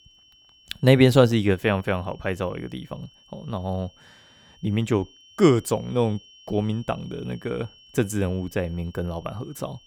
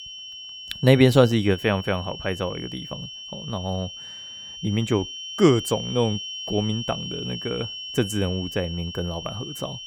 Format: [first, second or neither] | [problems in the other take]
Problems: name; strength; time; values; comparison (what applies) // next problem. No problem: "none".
first | high-pitched whine; loud; throughout; 3 kHz, 10 dB below the speech; faint in the first